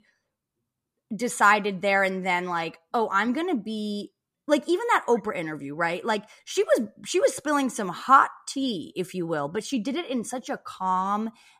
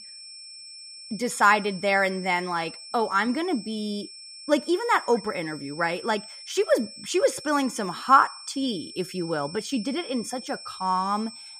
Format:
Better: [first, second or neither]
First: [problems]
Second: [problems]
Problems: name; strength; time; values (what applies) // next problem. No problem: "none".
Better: first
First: none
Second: high-pitched whine; noticeable; throughout; 5.5 kHz, 15 dB below the speech